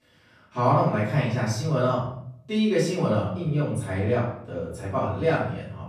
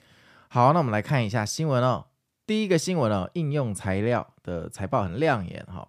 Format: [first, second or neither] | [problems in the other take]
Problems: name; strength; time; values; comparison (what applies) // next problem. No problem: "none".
second | off-mic speech; far // room echo; noticeable; dies away in 0.6 s